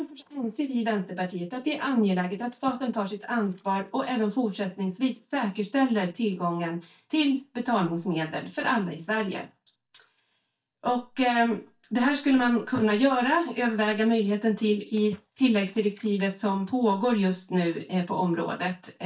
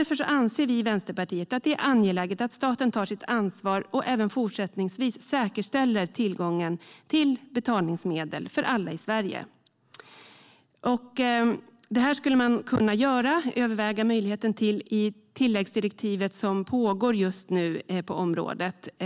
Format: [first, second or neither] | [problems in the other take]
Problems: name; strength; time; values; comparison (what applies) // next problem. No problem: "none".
second | noise reduction (neural mask model DeepFilterNet 3)